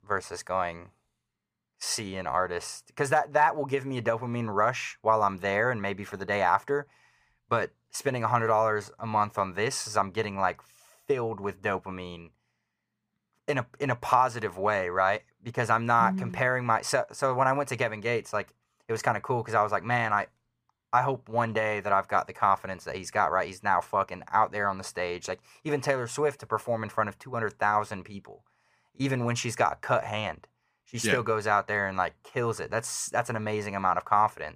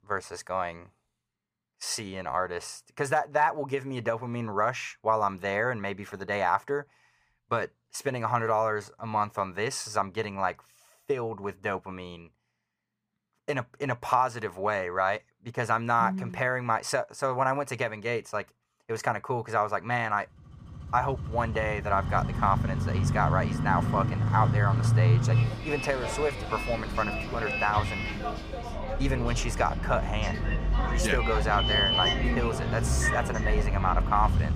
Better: first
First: none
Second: traffic noise; very loud; from 21 s on; 1 dB above the speech

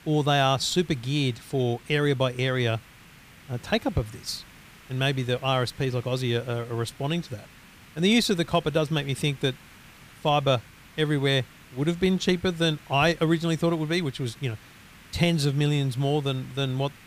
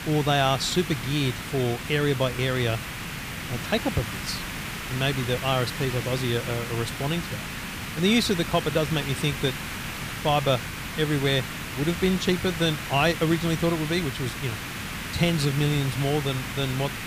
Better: first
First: hiss; faint; throughout; 25 dB below the speech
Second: hiss; loud; throughout; 7 dB below the speech

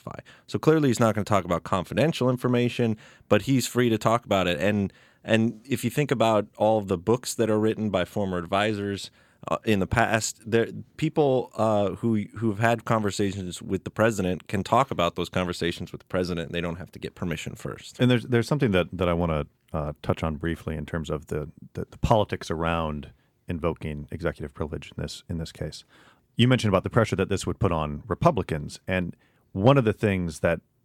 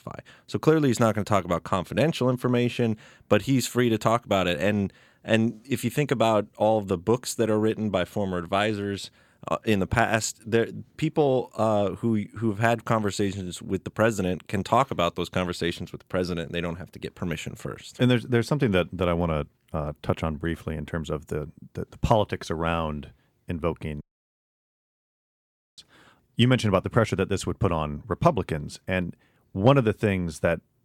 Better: first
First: none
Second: audio cutting out; at 24 s for 2 s

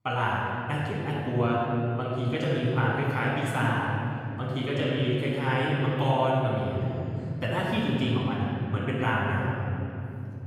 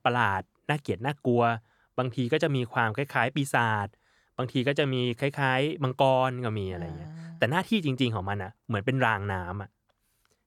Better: second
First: off-mic speech; far // room echo; strong; dies away in 3 s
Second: none

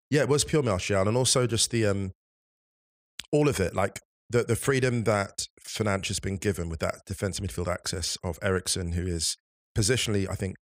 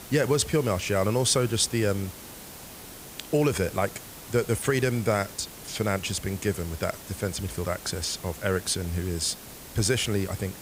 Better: first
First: none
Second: hiss; noticeable; throughout; 15 dB below the speech

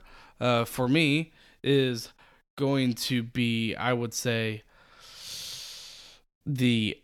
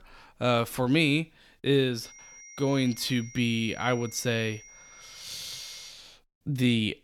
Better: first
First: none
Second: high-pitched whine; noticeable; from 2 to 6 s; 5.5 kHz, 20 dB below the speech

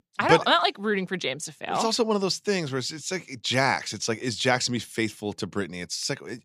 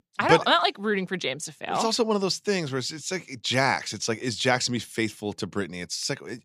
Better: neither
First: none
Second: none

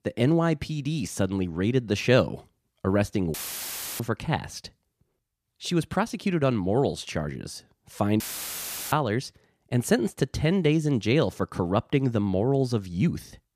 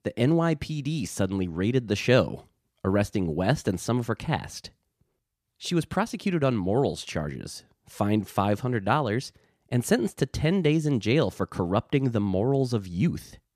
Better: second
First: audio cutting out; filled with static; at 3.5 s for 0.5 s and at 8 s for 0.5 s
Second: none

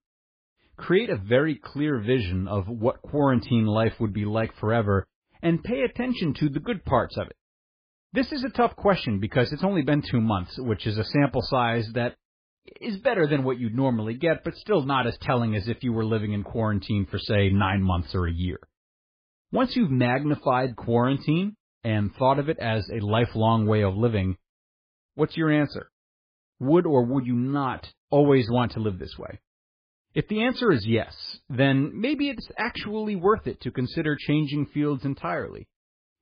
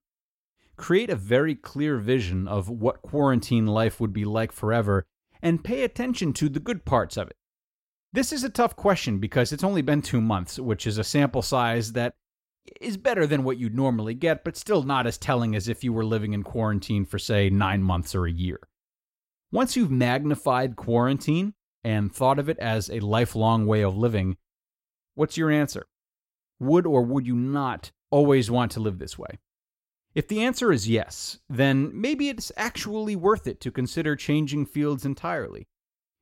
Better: second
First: garbled, watery; badly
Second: none

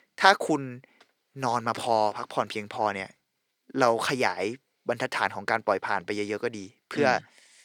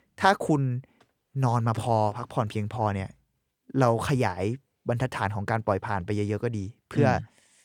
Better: second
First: thin; somewhat; fading below 300 Hz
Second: none

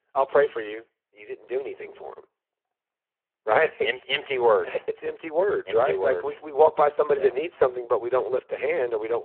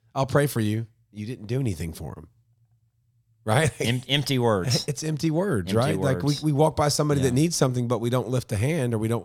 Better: second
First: phone-call audio; poor line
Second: none

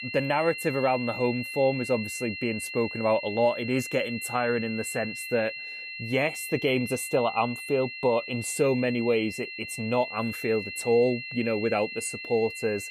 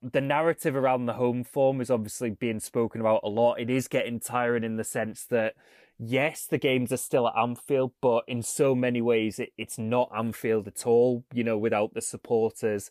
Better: second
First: high-pitched whine; loud; throughout; 2.5 kHz, 8 dB below the speech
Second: none

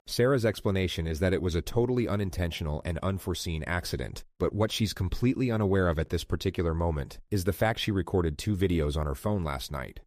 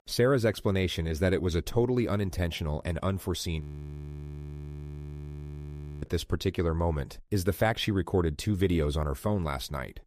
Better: first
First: none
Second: audio freezing; at 3.5 s for 2.5 s

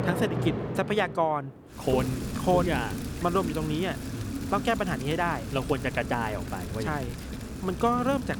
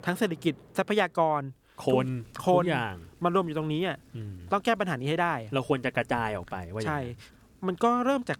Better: second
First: rain or running water; loud; throughout; 6 dB below the speech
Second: rain or running water; faint; throughout; 30 dB below the speech

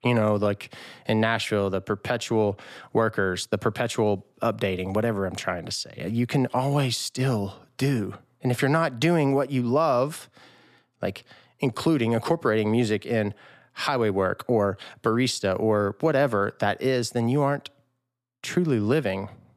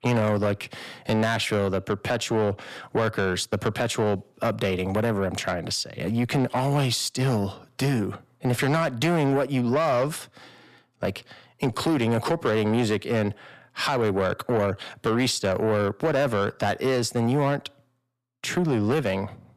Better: first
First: none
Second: distortion; slight; 10 dB below the speech

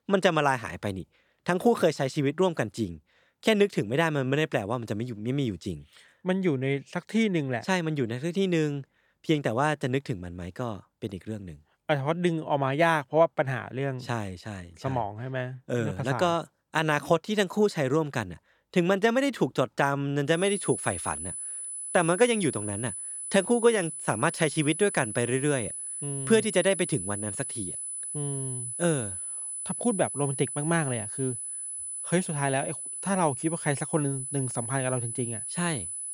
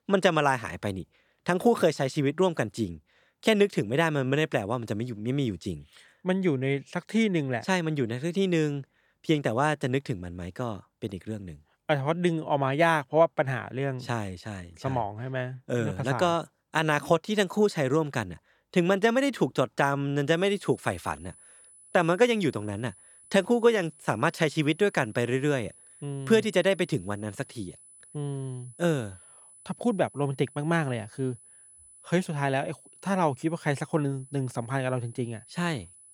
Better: second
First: high-pitched whine; loud; from 20 s on; 10 kHz, 5 dB below the speech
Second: high-pitched whine; faint; from 20 s on; 10 kHz, 25 dB below the speech

